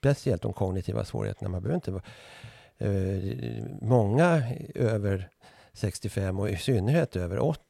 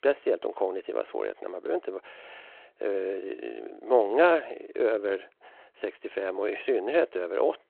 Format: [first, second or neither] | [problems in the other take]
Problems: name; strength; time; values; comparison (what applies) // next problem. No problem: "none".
first | phone-call audio; nothing above 4 kHz